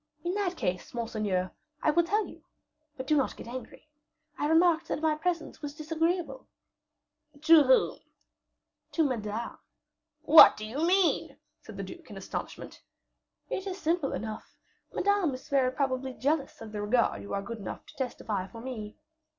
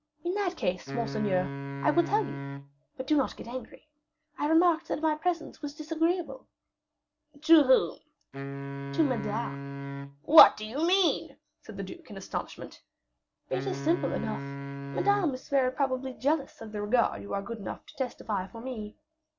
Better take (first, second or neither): first